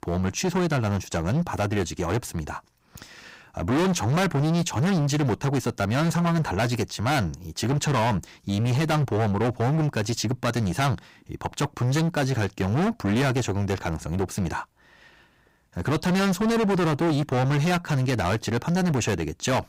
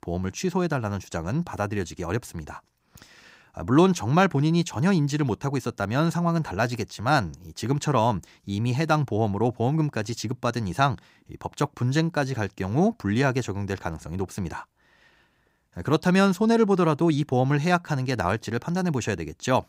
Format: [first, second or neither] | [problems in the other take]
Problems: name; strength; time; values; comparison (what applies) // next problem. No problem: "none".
second | distortion; heavy; 23% of the sound clipped